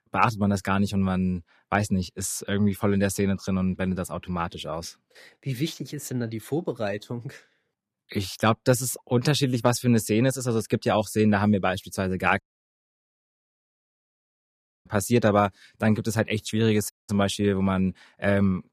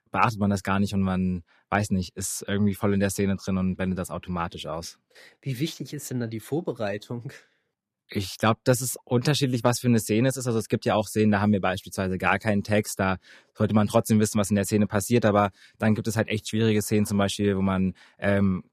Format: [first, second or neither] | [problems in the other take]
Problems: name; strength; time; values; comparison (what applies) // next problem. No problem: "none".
second | audio cutting out; at 12 s for 2.5 s and at 17 s